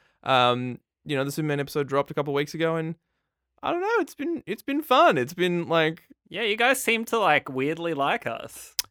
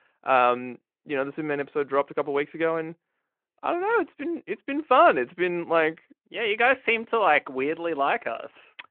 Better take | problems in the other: first | phone-call audio

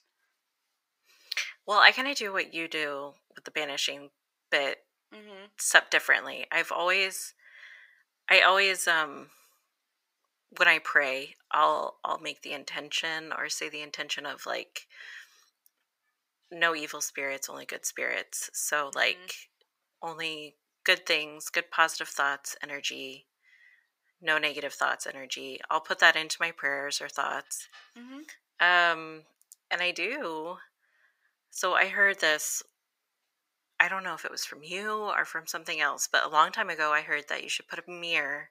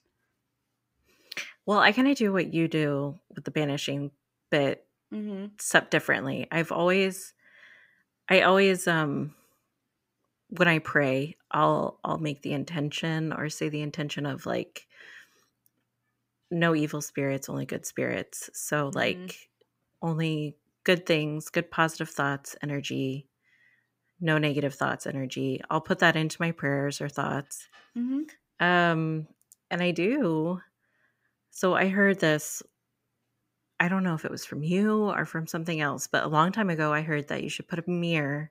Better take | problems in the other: second | thin; very; fading below 800 Hz

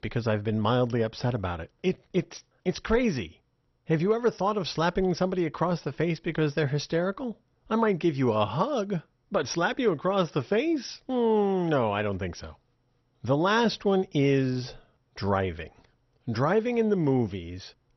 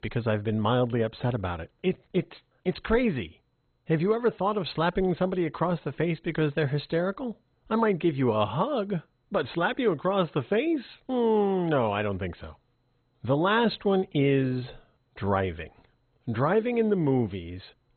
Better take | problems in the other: first | garbled, watery; badly; nothing above 4 kHz; slightly in the first

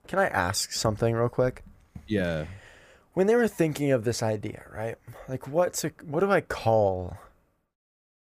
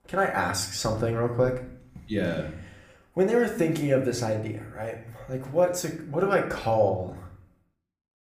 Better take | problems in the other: first | room echo; slight; dies away in 0.5 s // off-mic speech; somewhat distant

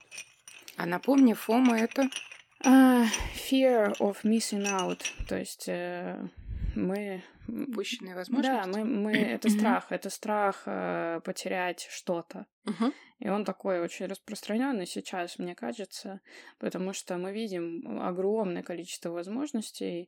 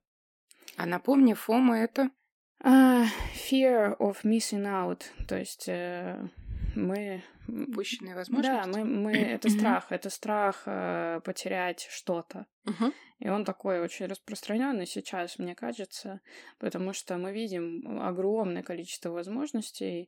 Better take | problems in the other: second | clattering dishes; noticeable; until 5 s; peak 5 dB below the speech

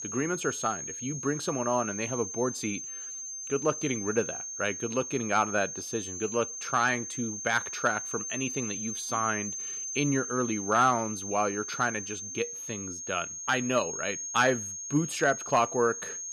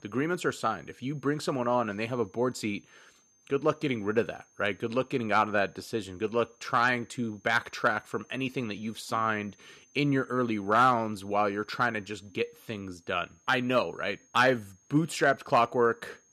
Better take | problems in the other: second | high-pitched whine; loud; throughout; 6.5 kHz, 5 dB below the speech; faint in the second

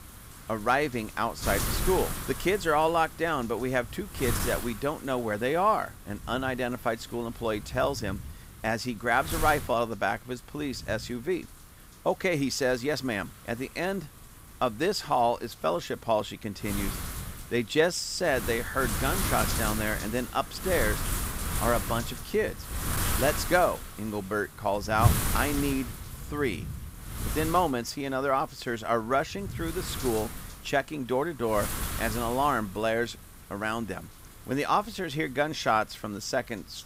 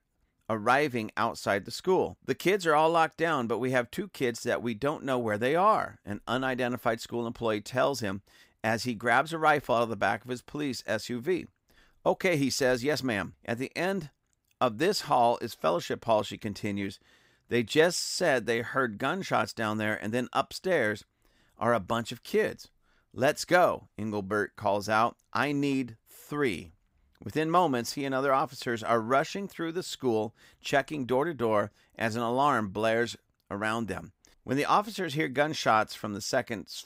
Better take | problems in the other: second | wind noise on the microphone; heavy; 9 dB below the speech

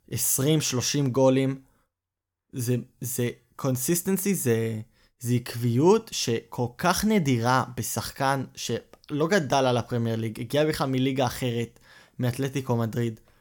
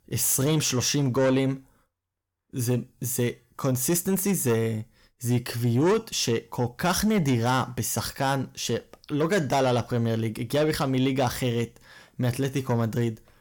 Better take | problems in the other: first | distortion; slight; 10 dB below the speech

